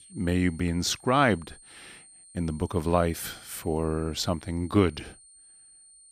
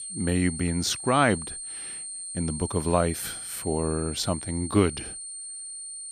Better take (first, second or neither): first